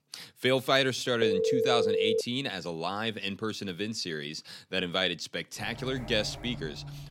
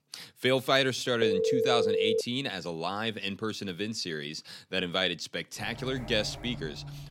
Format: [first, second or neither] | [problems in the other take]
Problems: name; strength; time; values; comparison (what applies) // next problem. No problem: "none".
neither | phone ringing; loud; at 1 s; peak 3 dB above the speech; the same in both // door banging; faint; from 5.5 s on; peak 10 dB below the speech; the same in both